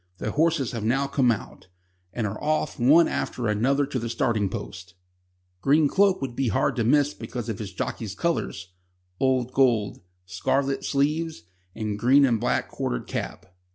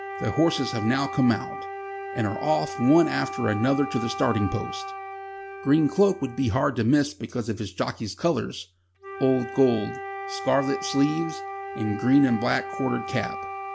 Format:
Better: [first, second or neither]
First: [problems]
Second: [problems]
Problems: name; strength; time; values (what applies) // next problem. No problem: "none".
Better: first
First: none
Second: background sound (Wind instrument, woodwind instrument); 10 dB below the speech